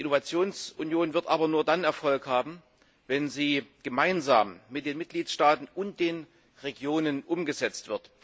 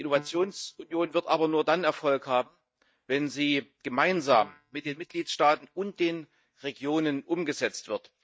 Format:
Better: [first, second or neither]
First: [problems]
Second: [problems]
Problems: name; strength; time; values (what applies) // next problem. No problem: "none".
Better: first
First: none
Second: noise reduction (neural mask model DeepFilterNet 3)